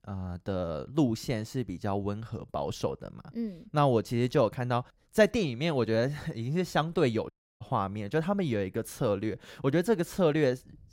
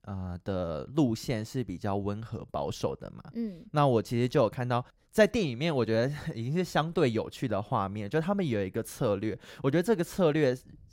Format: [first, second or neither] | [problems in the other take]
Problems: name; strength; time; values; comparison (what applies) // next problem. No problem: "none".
second | audio cutting out; at 7.5 s